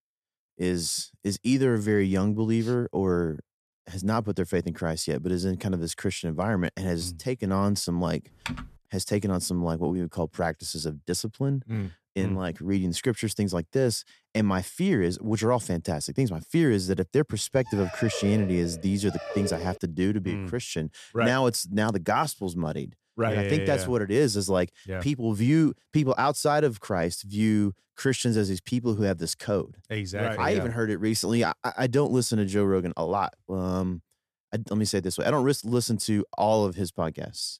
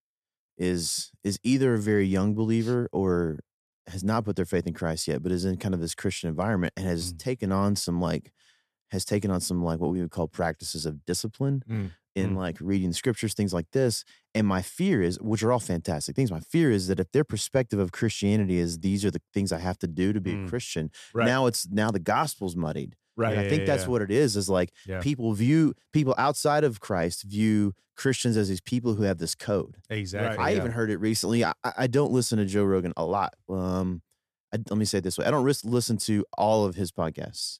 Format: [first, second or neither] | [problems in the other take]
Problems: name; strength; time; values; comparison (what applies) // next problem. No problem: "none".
second | keyboard typing; noticeable; at 8.5 s; peak 9 dB below the speech // dog barking; noticeable; from 18 to 20 s; peak 7 dB below the speech